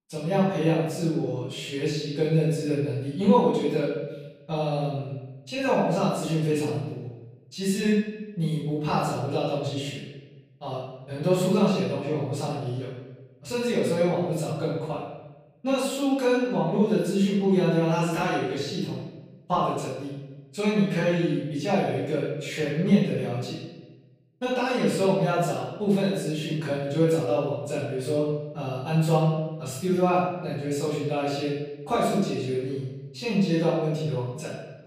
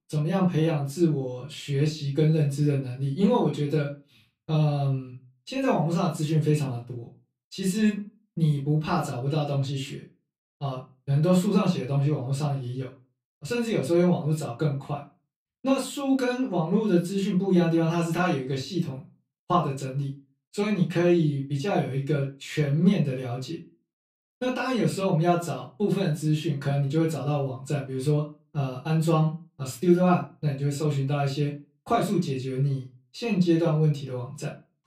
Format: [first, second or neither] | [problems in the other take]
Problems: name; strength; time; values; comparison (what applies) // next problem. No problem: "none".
second | room echo; strong; dies away in 1 s; slight in the second // off-mic speech; far; far in the second